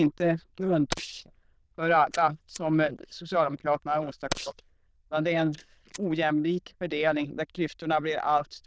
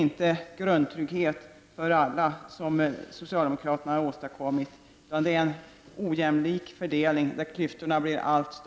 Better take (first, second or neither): second